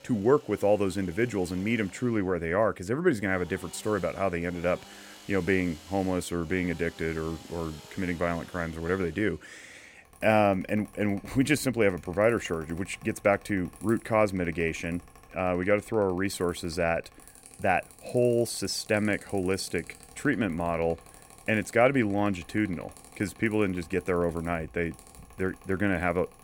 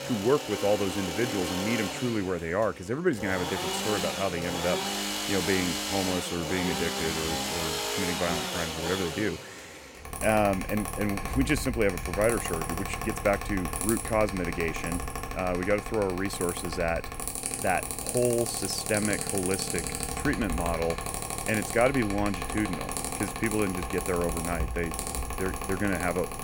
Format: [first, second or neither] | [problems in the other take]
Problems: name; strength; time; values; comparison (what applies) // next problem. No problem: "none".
first | machinery noise; loud; throughout; 2 dB below the speech; faint in the first